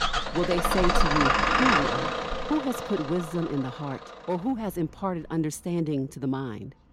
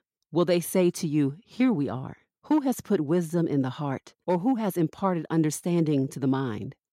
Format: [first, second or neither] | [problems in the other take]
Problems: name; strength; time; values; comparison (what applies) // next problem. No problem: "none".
second | traffic noise; very loud; throughout; 4 dB above the speech